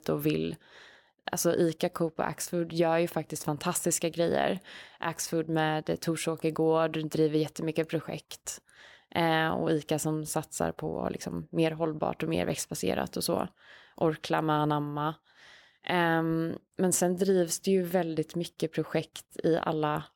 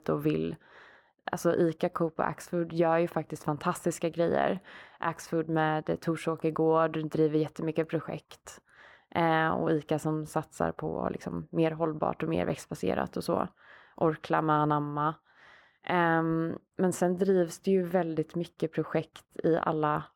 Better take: first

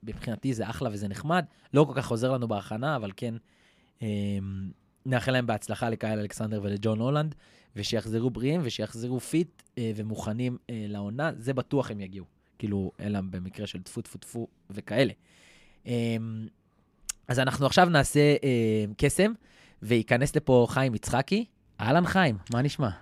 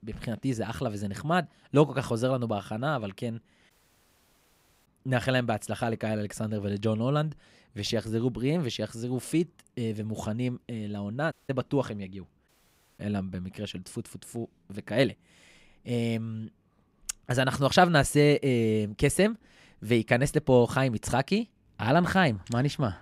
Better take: first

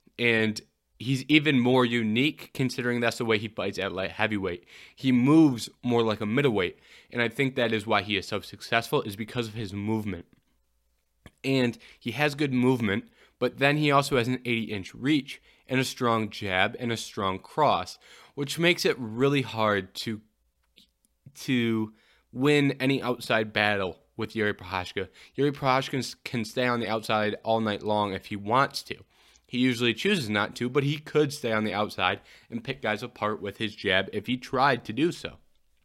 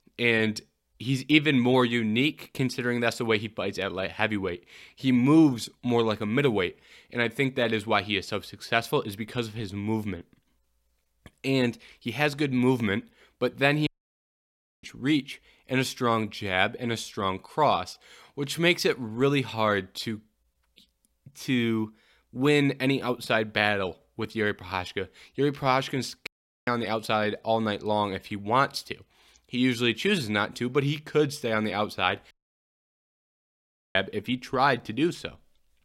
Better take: first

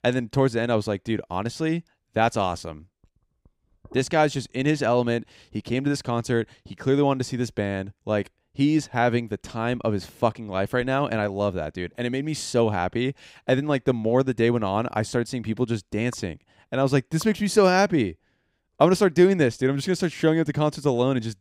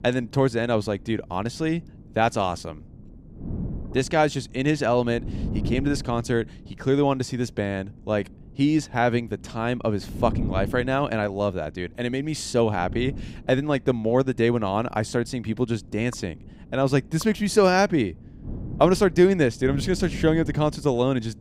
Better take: first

